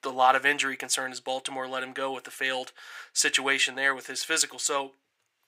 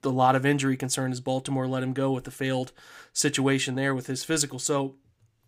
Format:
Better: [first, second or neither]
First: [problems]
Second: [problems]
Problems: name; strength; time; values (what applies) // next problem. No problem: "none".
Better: second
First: thin; very; fading below 600 Hz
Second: none